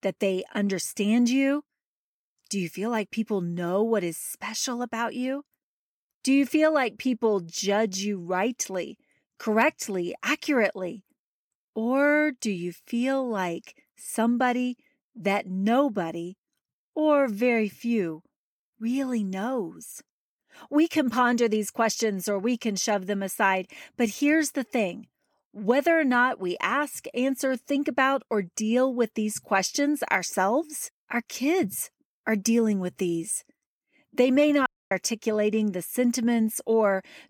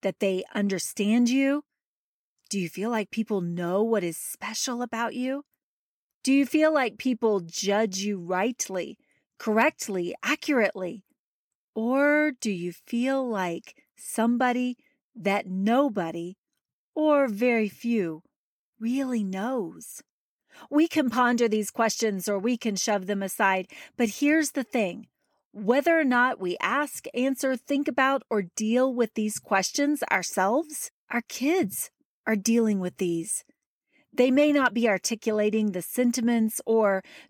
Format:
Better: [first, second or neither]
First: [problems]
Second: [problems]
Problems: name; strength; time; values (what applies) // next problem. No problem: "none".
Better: second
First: audio cutting out; at 35 s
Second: none